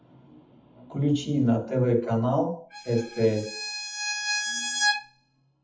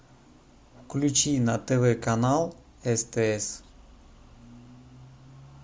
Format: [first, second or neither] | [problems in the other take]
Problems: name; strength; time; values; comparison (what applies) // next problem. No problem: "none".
second | noise reduction (classical method WPE with log-MMSE)